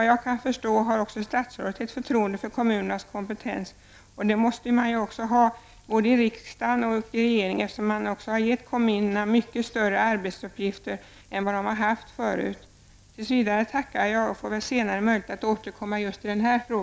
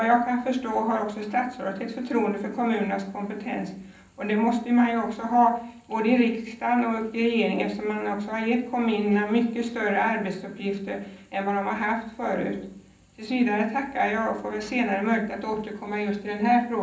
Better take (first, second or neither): first